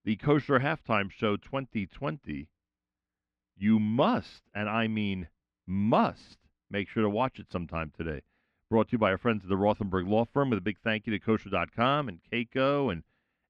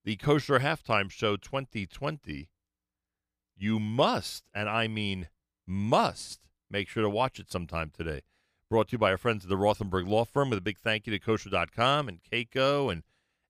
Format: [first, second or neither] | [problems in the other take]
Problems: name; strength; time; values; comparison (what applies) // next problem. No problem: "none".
second | muffled; slightly; fading above 2 kHz